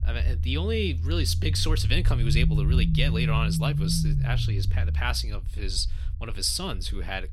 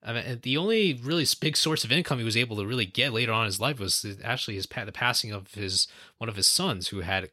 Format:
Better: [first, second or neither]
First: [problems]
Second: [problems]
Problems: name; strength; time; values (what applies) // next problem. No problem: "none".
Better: second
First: low rumble; loud; throughout; 8 dB below the speech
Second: none